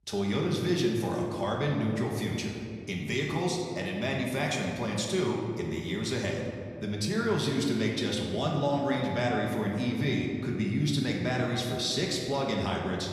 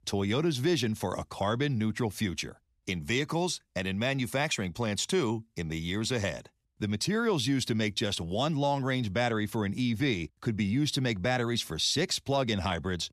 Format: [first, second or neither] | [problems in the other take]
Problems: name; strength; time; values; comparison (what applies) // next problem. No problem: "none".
second | room echo; noticeable; dies away in 2 s // off-mic speech; somewhat distant